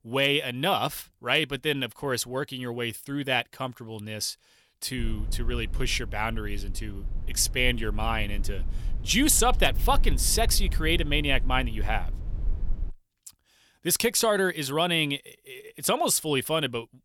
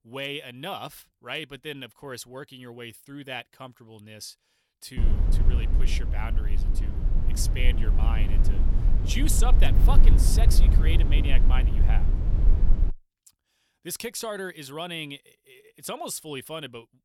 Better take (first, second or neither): first